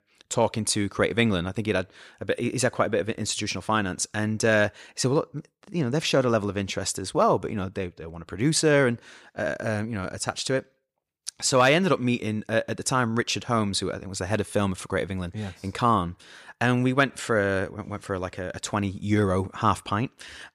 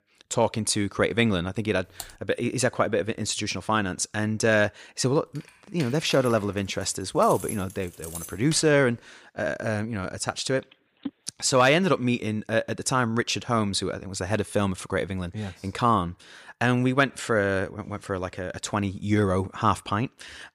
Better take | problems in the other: first | keyboard typing; faint; at 2 s; peak 15 dB below the speech // jangling keys; faint; from 5.5 to 8.5 s; peak 10 dB below the speech // phone ringing; very faint; at 11 s; peak 15 dB below the speech

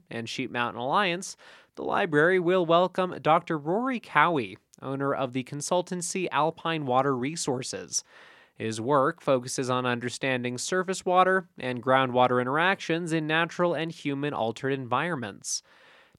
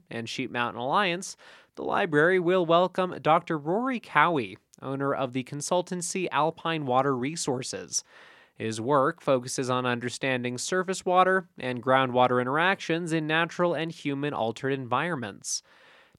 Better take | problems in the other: neither | none

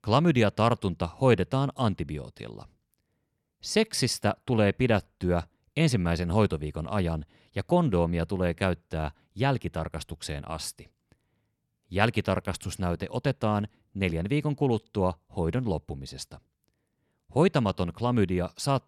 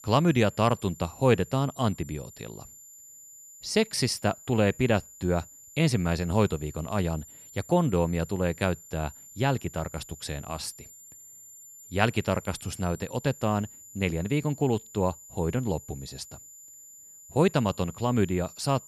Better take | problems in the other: first | high-pitched whine; noticeable; throughout; 7 kHz, 20 dB below the speech

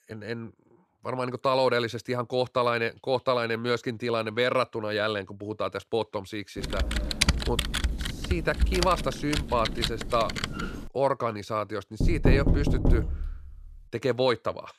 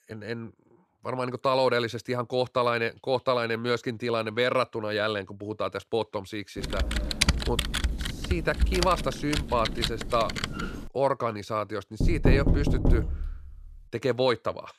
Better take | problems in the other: neither | keyboard typing; loud; from 6.5 to 11 s; peak 4 dB above the speech; the same in both // door banging; loud; from 12 to 13 s; peak 5 dB above the speech; the same in both

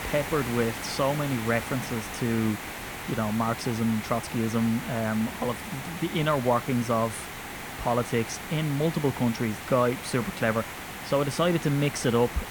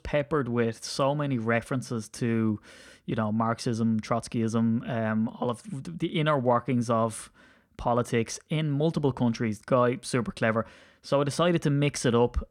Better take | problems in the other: second | hiss; loud; throughout; 8 dB below the speech

